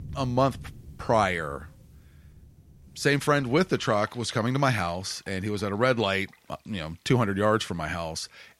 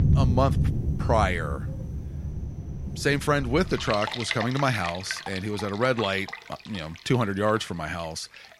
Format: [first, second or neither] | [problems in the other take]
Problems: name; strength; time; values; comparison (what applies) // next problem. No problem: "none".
first | rain or running water; loud; throughout; 4 dB below the speech; faint in the first